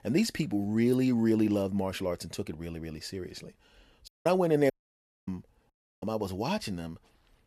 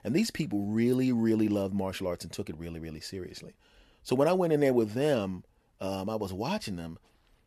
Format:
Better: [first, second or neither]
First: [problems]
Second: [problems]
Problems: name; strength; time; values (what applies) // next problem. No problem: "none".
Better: second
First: audio cutting out; at 4 s, at 4.5 s for 0.5 s and at 5.5 s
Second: none